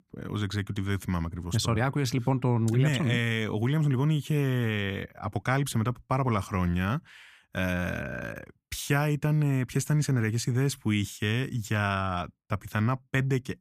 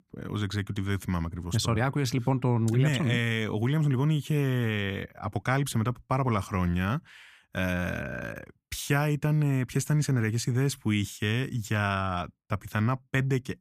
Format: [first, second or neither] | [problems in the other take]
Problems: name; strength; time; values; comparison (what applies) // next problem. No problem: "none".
neither | none